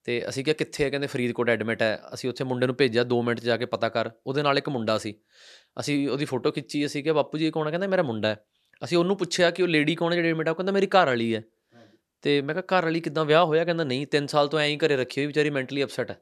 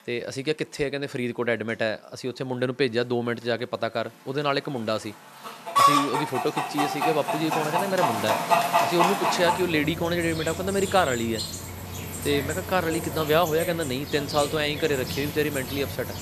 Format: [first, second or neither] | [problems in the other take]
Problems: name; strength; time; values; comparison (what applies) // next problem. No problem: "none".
first | animal sounds; loud; throughout; 1 dB below the speech